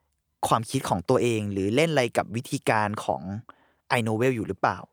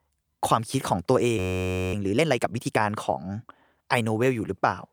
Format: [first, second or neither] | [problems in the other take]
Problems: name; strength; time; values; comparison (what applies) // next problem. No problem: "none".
first | audio freezing; at 1.5 s for 0.5 s